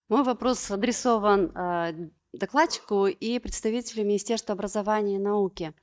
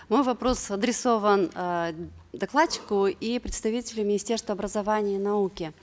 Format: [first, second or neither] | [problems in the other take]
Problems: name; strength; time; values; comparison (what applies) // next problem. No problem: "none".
second | noise reduction (neural mask model DeepFilterNet 3)